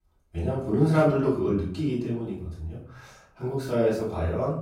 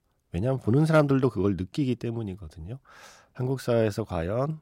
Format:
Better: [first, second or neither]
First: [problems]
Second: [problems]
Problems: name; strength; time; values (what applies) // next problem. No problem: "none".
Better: second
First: room echo; noticeable; dies away in 0.5 s // off-mic speech; far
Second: none